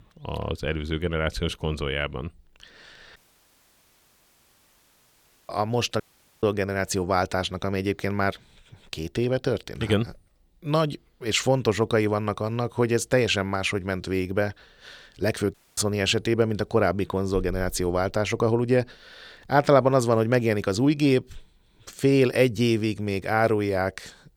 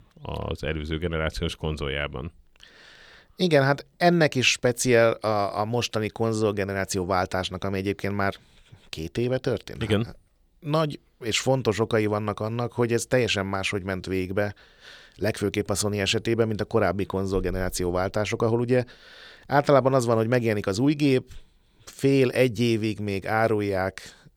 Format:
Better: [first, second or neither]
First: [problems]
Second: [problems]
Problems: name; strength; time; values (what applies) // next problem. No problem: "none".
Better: second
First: audio cutting out; at 3 s for 2.5 s, at 6 s and at 16 s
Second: none